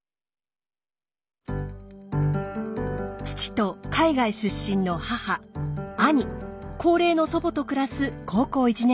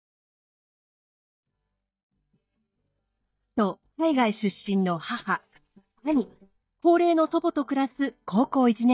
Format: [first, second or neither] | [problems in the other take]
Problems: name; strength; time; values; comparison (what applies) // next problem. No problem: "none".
first | noise reduction (neural mask model DeepFilterNet 3)